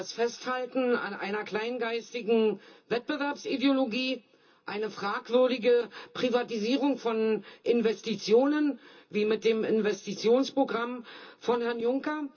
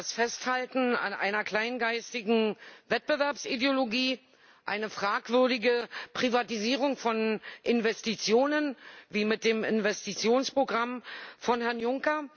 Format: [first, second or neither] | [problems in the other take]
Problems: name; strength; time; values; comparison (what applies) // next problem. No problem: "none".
second | room echo; dies away in 0.2 s